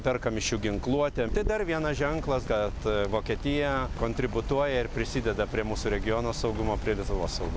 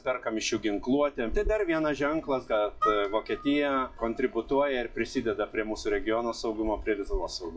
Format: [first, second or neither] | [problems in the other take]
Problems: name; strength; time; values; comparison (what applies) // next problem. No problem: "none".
first | noise reduction (classical method WPE with log-MMSE)